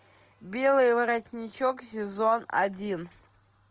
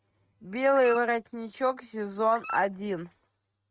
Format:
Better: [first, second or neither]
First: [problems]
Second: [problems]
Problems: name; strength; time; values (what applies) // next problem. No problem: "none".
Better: first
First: none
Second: noise reduction (neural mask model RNNoise)